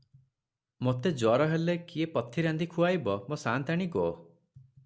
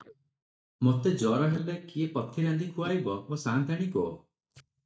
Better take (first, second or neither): first